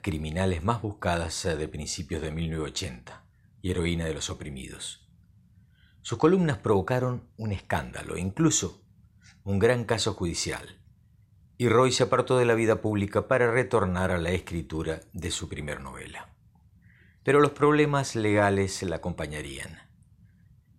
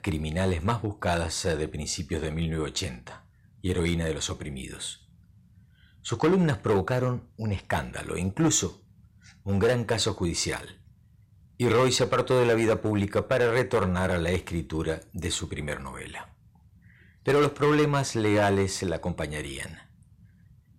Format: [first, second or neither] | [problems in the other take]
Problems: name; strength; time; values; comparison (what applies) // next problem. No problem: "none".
first | distortion; slight; 4% of the sound clipped